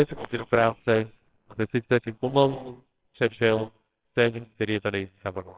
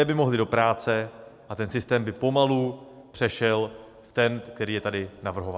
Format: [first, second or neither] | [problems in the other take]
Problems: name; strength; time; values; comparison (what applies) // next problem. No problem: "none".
second | noise reduction (neural separator model SepFormer WHAMR!)